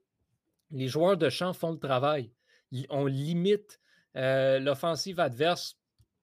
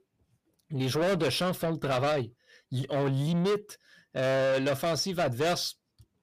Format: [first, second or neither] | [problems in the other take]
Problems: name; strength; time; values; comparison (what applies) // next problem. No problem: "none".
first | distortion; heavy; 7 dB below the speech